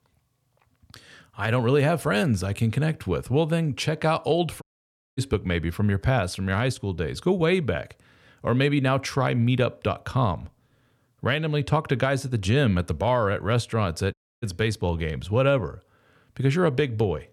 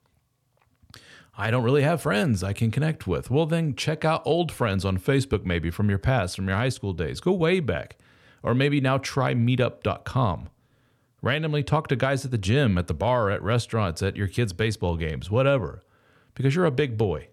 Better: second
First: audio cutting out; at 4.5 s for 0.5 s and at 14 s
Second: none

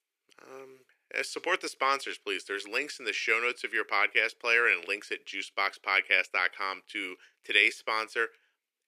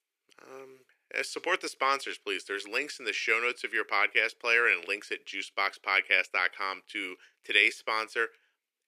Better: neither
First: thin; very; fading below 350 Hz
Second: thin; very; fading below 350 Hz

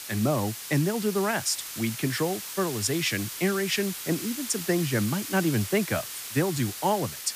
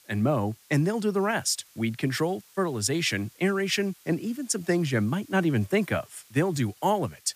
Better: second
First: hiss; loud; throughout; 7 dB below the speech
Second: hiss; faint; throughout; 25 dB below the speech

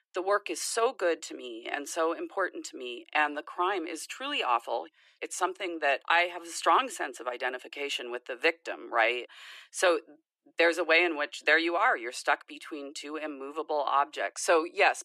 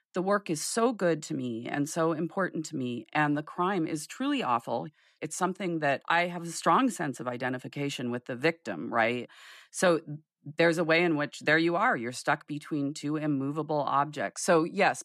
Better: second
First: thin; very; fading below 350 Hz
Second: none

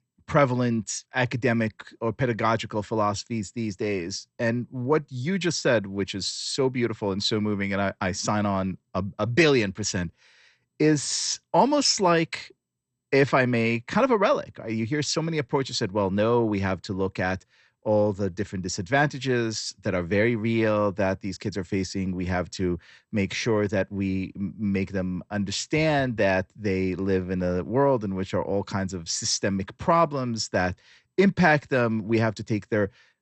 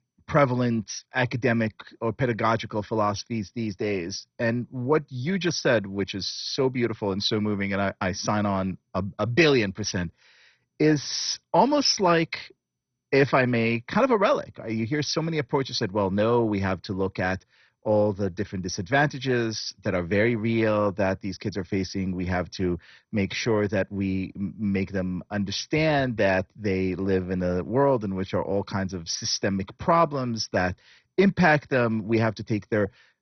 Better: first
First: garbled, watery; slightly; nothing above 8 kHz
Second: garbled, watery; badly; nothing above 6 kHz

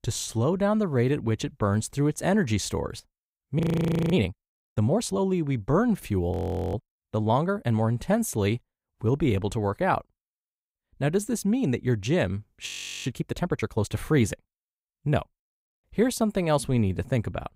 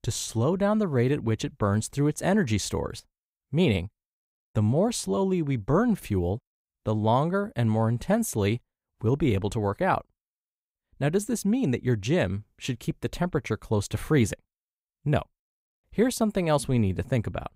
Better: second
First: audio freezing; at 3.5 s for 0.5 s, at 6.5 s and at 13 s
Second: none

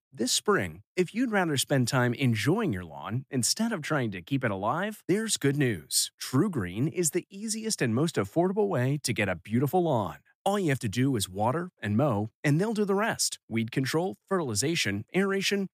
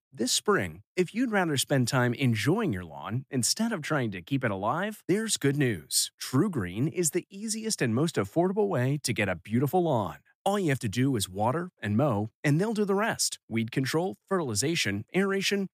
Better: neither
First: none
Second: none

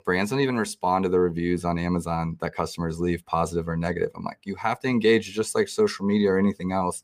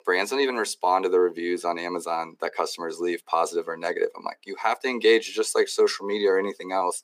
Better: first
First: none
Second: thin; somewhat; fading below 300 Hz

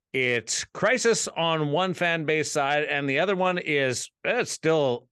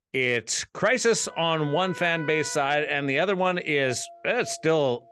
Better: first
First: none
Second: background music; noticeable; from 1.5 s on; 20 dB below the speech

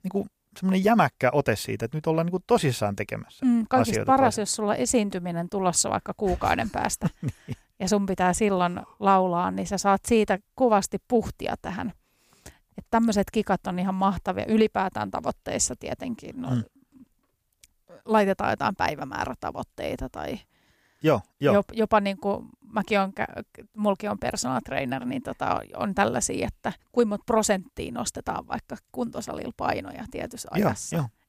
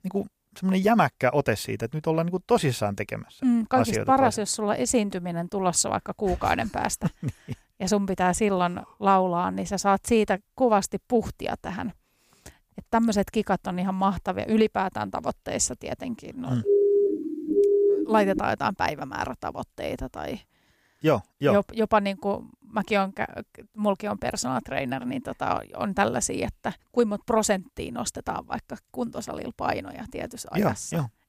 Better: first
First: none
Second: siren; loud; from 17 to 18 s; peak 6 dB above the speech

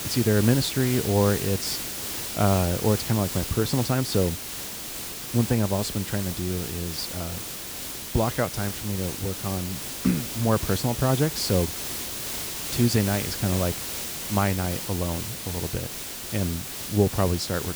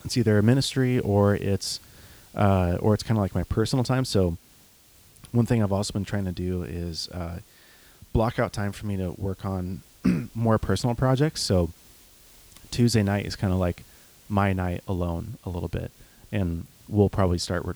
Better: second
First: hiss; loud; throughout; 5 dB below the speech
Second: hiss; faint; throughout; 25 dB below the speech

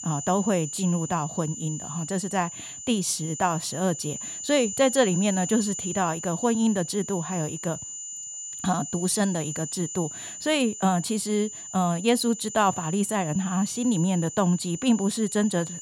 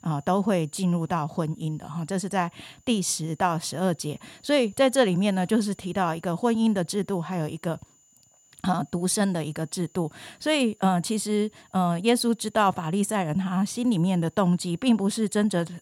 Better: second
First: high-pitched whine; loud; throughout; 7 kHz, 8 dB below the speech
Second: high-pitched whine; faint; throughout; 7 kHz, 30 dB below the speech

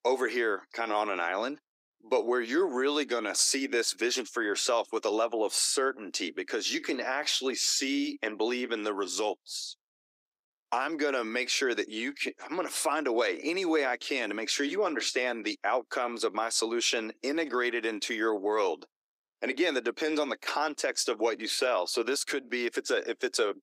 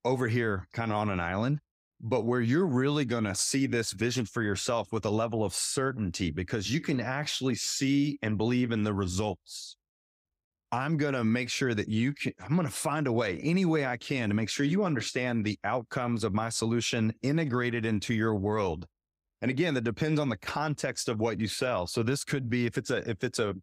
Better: second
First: thin; somewhat; fading below 300 Hz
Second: none

